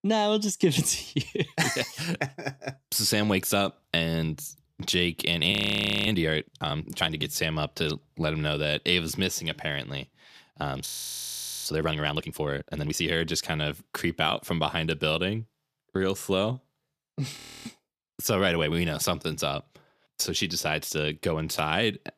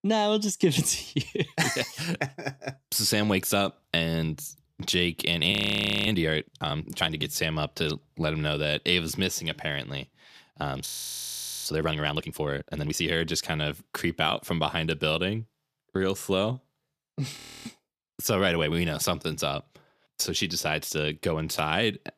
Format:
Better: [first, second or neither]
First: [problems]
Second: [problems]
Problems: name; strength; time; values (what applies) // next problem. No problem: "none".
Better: neither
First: audio freezing; at 5.5 s for 0.5 s, at 11 s for 1 s and at 17 s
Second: audio freezing; at 5.5 s for 0.5 s, at 11 s for 1 s and at 17 s